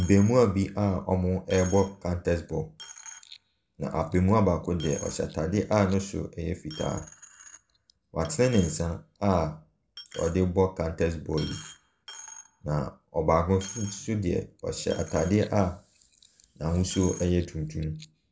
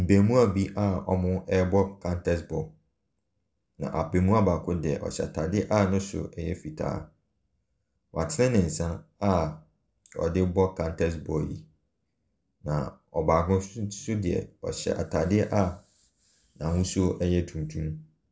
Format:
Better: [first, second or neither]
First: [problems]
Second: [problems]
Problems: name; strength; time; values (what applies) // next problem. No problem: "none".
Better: second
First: background sound (Coin (dropping)); 20 dB below the speech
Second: none